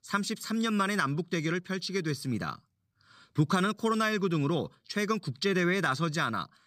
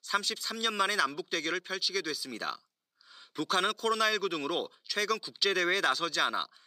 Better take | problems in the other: first | thin; very; fading below 350 Hz

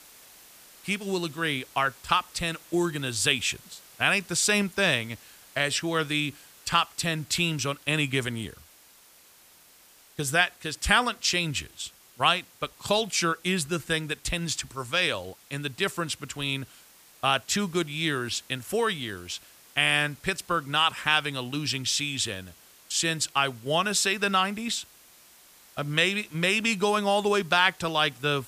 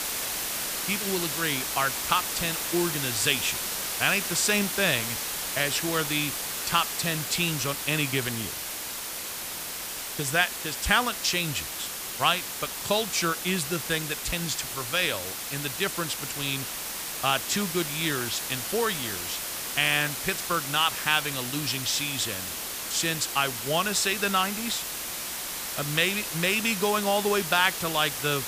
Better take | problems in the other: first | hiss; loud; throughout; 3 dB below the speech; faint in the first

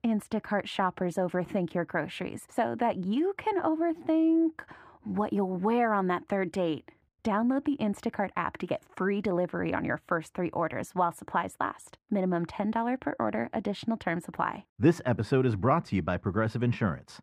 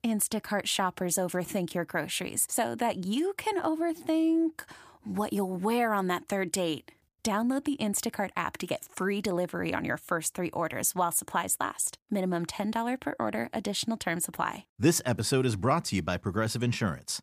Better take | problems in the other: second | muffled; very; fading above 4 kHz

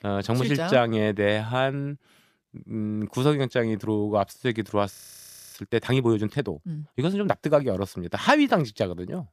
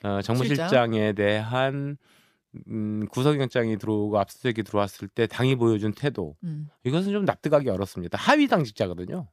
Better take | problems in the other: second | audio freezing; at 5 s for 0.5 s

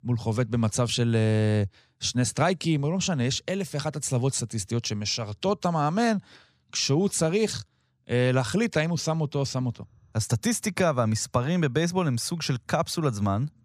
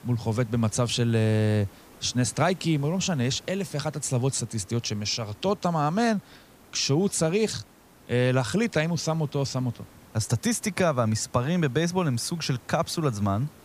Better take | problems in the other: first | hiss; faint; throughout; 25 dB below the speech

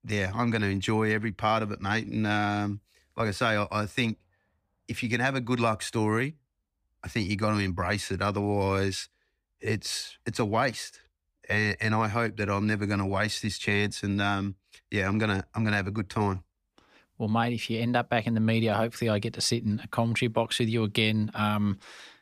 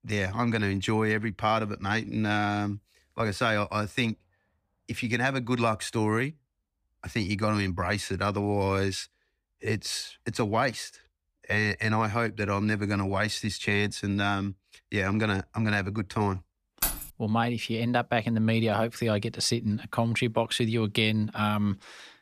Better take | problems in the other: first | jangling keys; noticeable; at 17 s; peak 1 dB below the speech

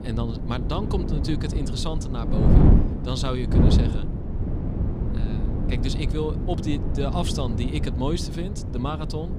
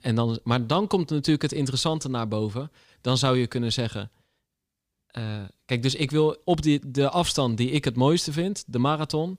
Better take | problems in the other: second | wind noise on the microphone; heavy; 2 dB below the speech

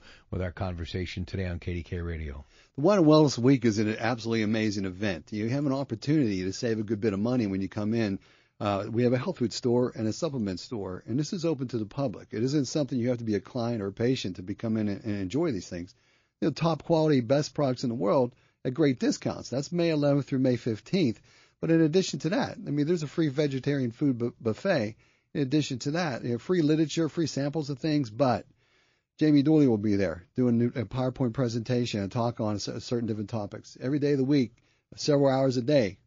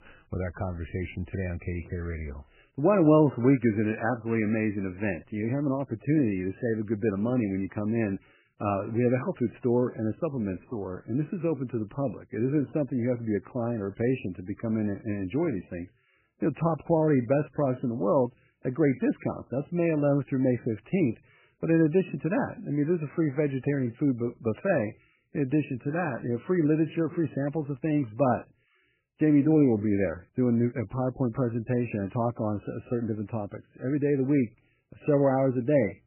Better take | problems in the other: first | garbled, watery; badly; nothing above 2.5 kHz; slightly in the first

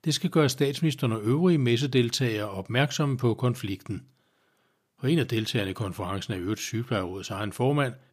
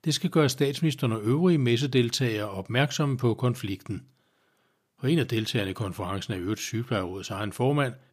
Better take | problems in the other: neither | none

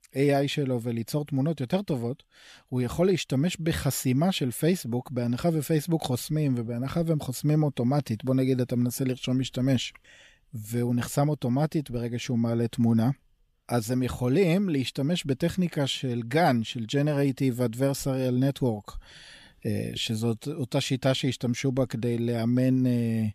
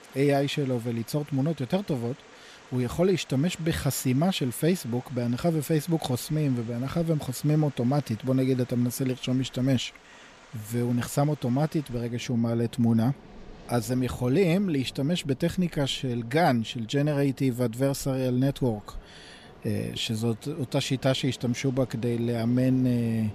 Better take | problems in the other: first | rain or running water; faint; throughout; 25 dB below the speech

